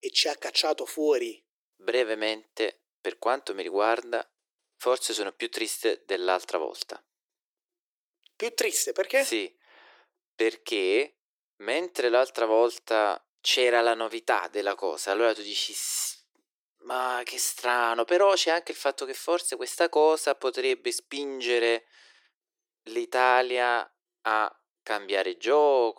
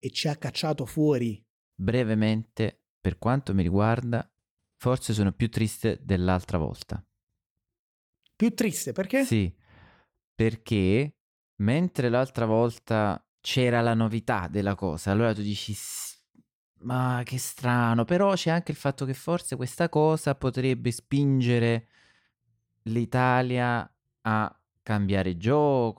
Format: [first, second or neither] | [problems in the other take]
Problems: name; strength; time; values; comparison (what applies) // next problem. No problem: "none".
second | thin; very; fading below 350 Hz